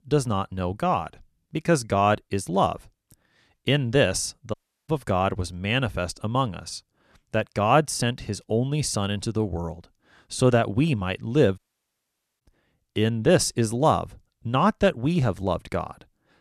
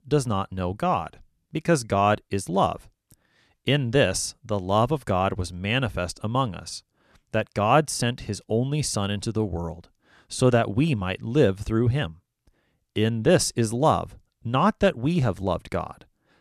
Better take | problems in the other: second | audio cutting out; at 4.5 s and at 12 s for 1 s

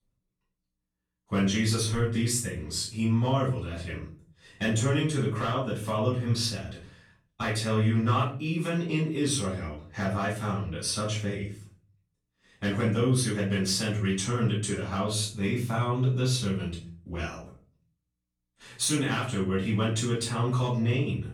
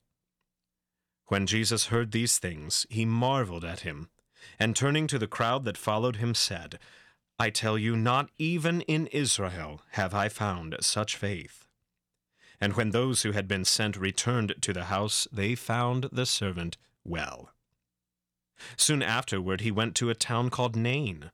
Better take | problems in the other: second | off-mic speech; far // room echo; noticeable; dies away in 0.4 s

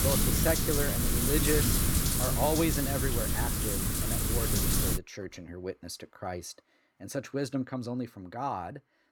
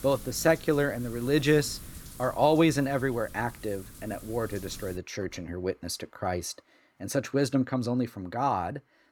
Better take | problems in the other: second | wind noise on the microphone; heavy; until 5 s; 2 dB above the speech; occasional gusts in the second

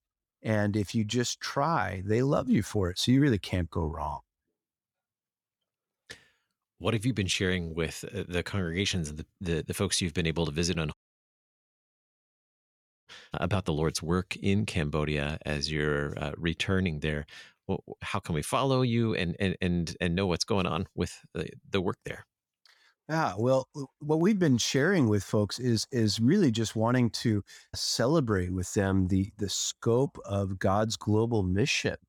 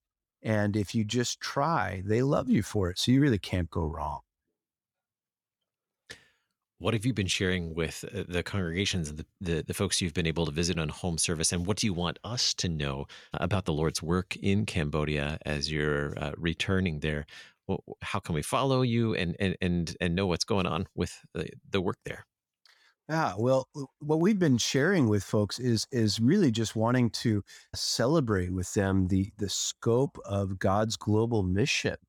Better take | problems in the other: second | audio cutting out; at 11 s for 2 s

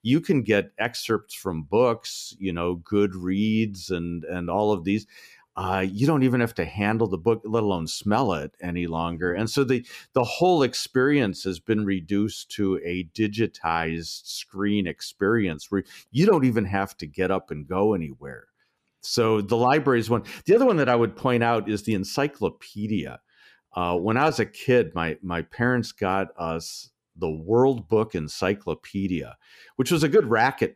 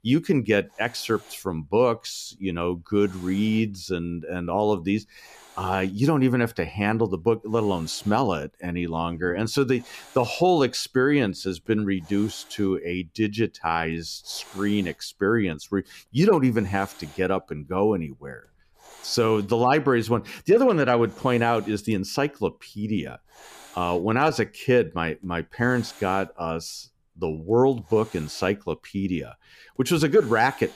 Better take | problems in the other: first | hiss; faint; throughout; 25 dB below the speech

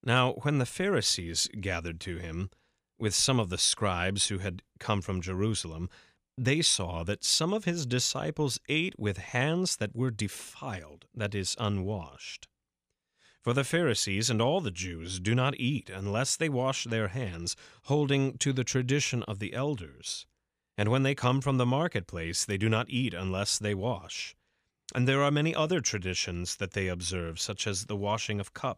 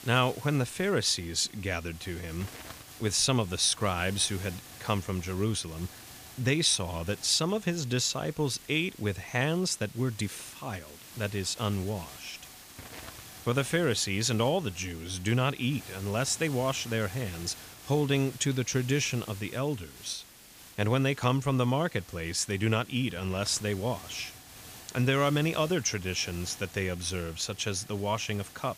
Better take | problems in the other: first | hiss; noticeable; throughout; 15 dB below the speech

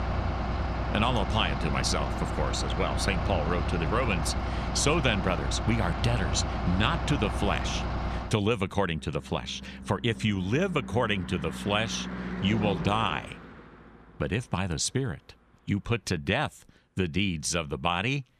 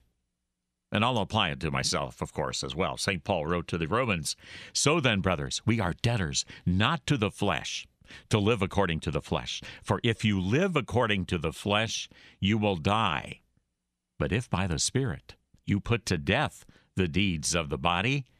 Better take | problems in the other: second | traffic noise; loud; throughout; 4 dB below the speech

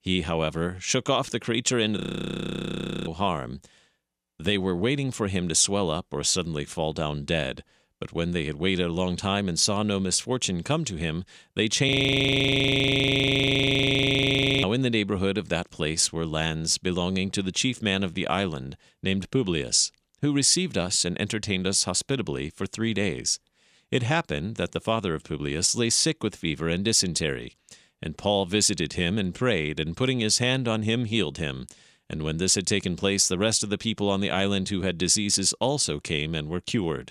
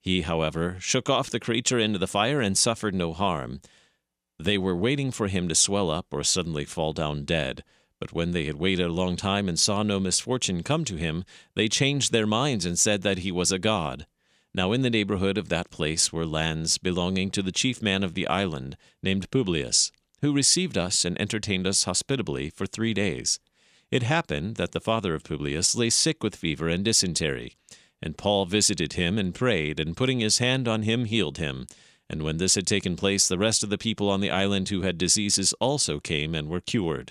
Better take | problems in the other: second | audio freezing; at 2 s for 1 s and at 12 s for 2.5 s

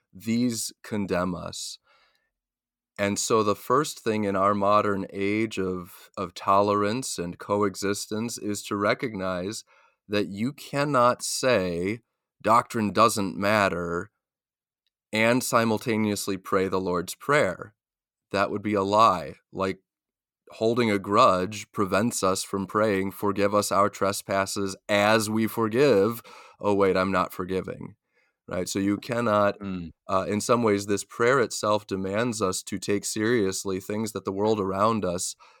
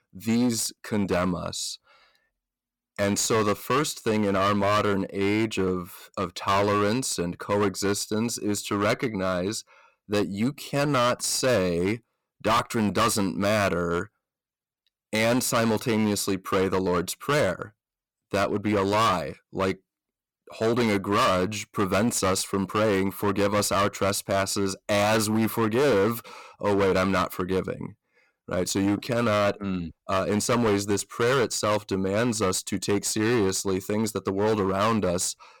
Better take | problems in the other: first | distortion; heavy; 14% of the sound clipped

